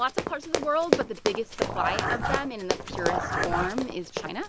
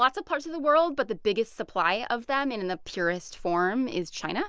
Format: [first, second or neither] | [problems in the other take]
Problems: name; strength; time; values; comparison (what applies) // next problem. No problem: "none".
second | background sound (Dog + Run); 2 dB above the speech